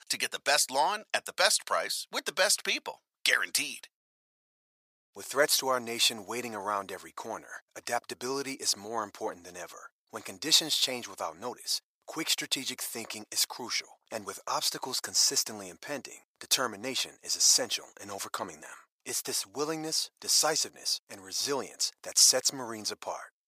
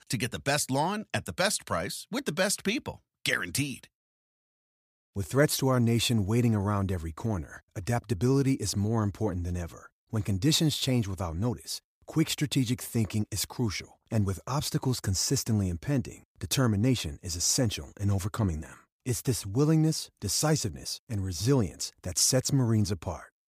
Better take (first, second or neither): second